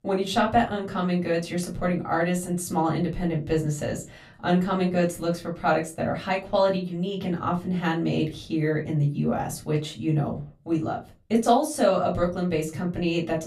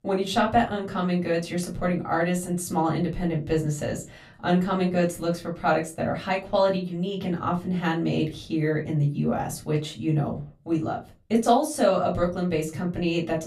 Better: neither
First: off-mic speech; far // room echo; very slight; dies away in 0.2 s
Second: off-mic speech; far // room echo; very slight; dies away in 0.2 s

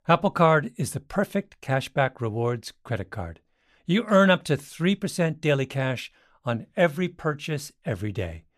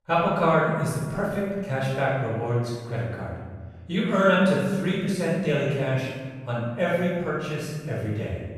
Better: first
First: none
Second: off-mic speech; far // room echo; strong; dies away in 1.4 s

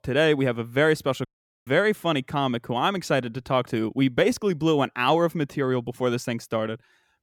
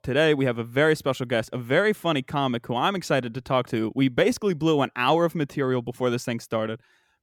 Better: second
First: audio cutting out; at 1.5 s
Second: none

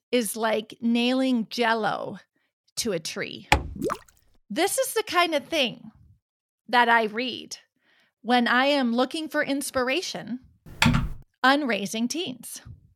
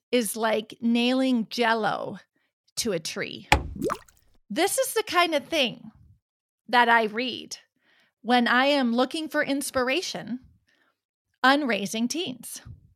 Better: second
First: keyboard typing; loud; at 11 s; peak 2 dB above the speech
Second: none

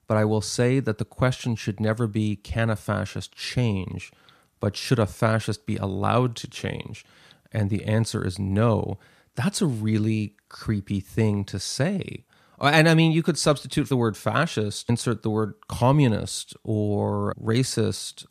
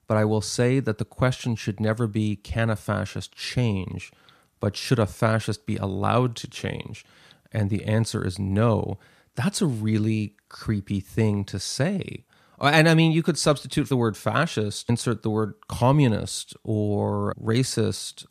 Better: neither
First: none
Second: none

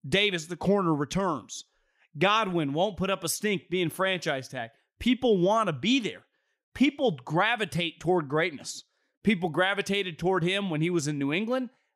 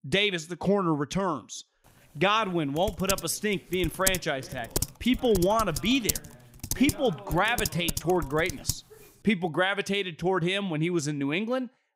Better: first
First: none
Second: keyboard typing; noticeable; from 3 to 8.5 s; peak 1 dB below the speech

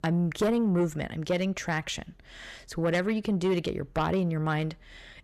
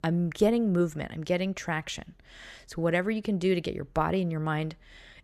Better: second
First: distortion; slight; 10 dB below the speech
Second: none

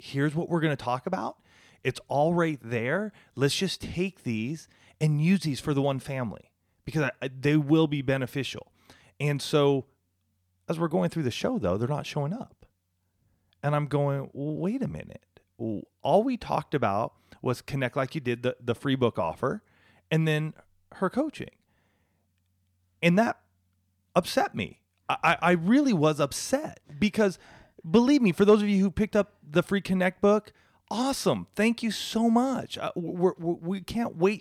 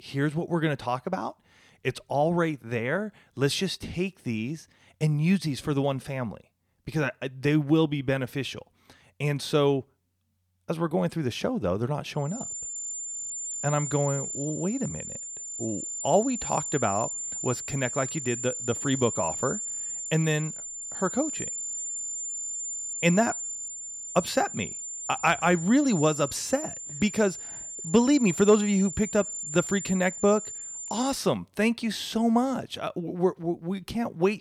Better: first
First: none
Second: high-pitched whine; loud; from 12 to 31 s; 7 kHz, 5 dB below the speech

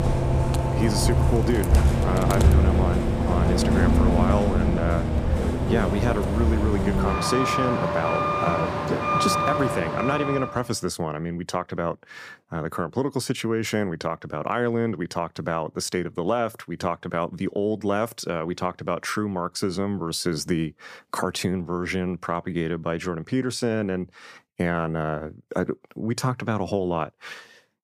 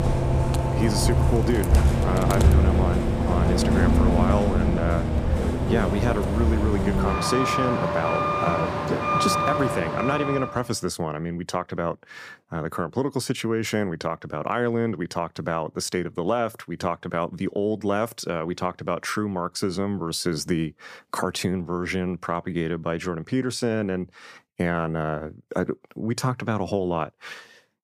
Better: neither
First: traffic noise; very loud; until 10 s; 4 dB above the speech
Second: traffic noise; very loud; until 10 s; 4 dB above the speech

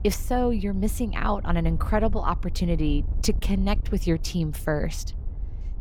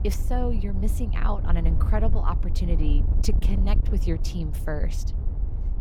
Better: first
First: wind noise on the microphone; occasional gusts; 20 dB below the speech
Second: wind noise on the microphone; heavy; 9 dB below the speech

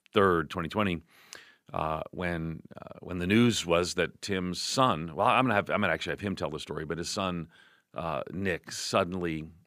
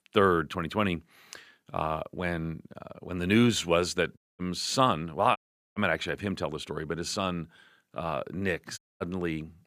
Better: first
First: none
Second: audio cutting out; at 4 s, at 5.5 s and at 9 s

